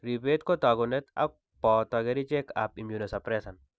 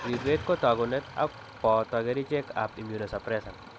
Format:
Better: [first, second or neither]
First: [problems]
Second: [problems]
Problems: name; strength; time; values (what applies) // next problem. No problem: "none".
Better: first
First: none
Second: background sound (Idling / Engine starting); 14 dB below the speech